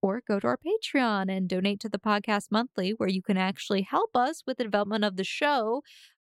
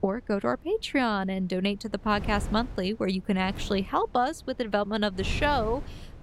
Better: first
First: none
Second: wind noise on the microphone; occasional gusts; 20 dB below the speech

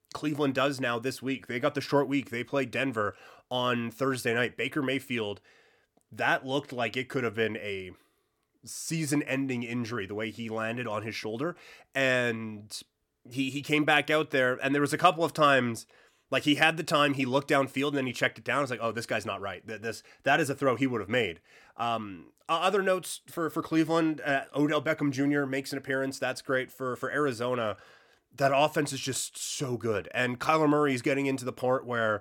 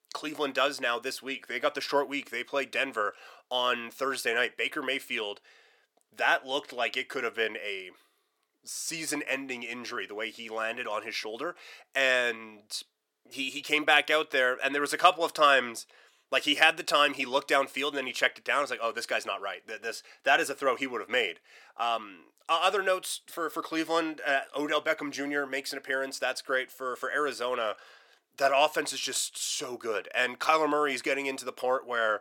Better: first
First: none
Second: thin; somewhat; fading below 500 Hz

